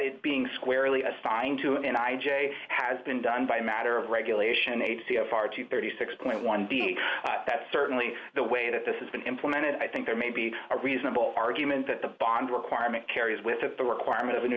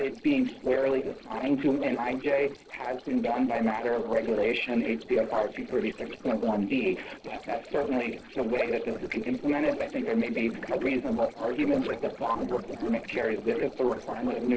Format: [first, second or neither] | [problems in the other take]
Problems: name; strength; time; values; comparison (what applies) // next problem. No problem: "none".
first | noise reduction (neural separator model SepFormer DNS4)